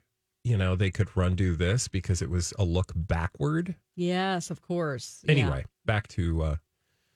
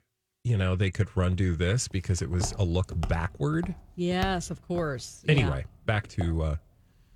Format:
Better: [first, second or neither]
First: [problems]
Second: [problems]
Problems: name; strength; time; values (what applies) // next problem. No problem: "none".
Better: first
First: none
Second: footsteps; noticeable; from 2.5 to 6.5 s; peak 8 dB below the speech